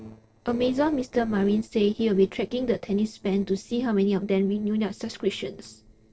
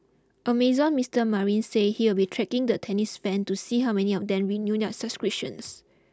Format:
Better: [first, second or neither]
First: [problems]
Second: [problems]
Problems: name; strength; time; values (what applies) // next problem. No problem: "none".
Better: second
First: noise reduction (neural separator model SepFormer DNS4)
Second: none